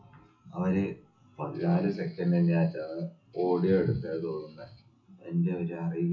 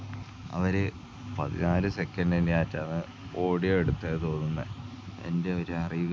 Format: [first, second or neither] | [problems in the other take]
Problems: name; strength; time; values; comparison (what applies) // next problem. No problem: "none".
second | noise reduction (classical method WPE with log-MMSE)